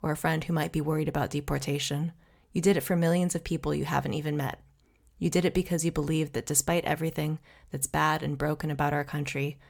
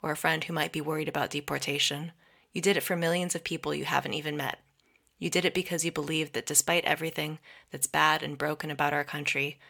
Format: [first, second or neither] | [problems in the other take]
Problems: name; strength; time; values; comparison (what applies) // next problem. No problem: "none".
first | thin; somewhat; fading below 400 Hz